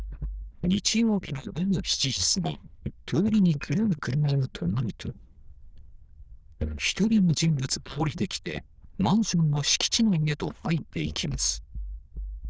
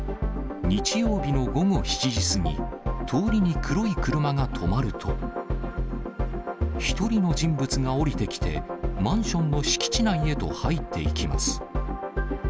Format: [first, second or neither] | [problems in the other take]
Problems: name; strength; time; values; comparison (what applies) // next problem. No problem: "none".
second | noise reduction (neural diffusion model UNIVERSE++)